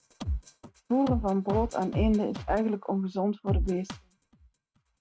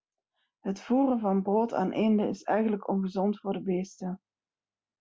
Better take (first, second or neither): second